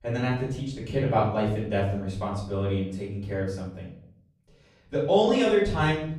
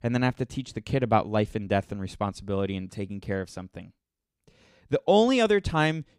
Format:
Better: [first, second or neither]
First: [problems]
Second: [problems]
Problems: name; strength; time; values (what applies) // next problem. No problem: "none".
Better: second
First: off-mic speech; far // room echo; noticeable; dies away in 0.6 s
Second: none